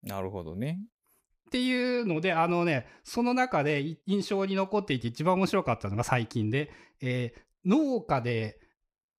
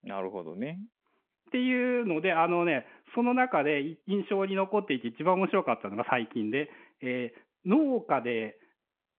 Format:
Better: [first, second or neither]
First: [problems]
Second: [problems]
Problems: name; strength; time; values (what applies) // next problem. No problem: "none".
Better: first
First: none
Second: phone-call audio